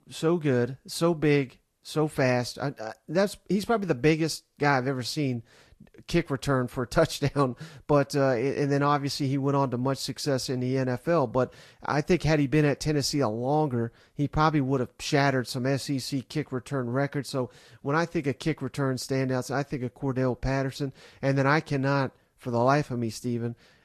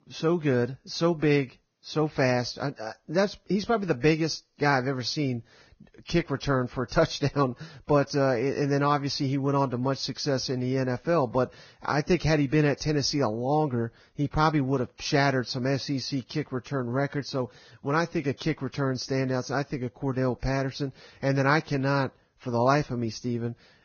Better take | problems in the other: first | garbled, watery; badly; nothing above 6.5 kHz; slightly in the first

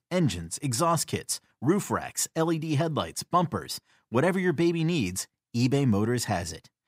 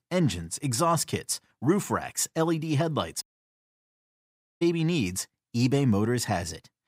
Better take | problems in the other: first | audio cutting out; at 3 s for 1.5 s

